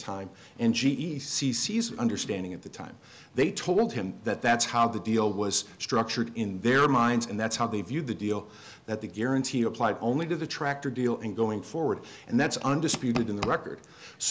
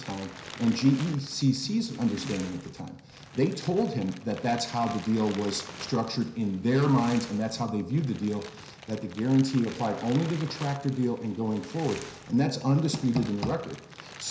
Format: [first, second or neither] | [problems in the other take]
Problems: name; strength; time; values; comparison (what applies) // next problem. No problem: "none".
first | background sound (Crumpling, crinkling); 17 dB below the speech // room echo; dies away in 0.5 s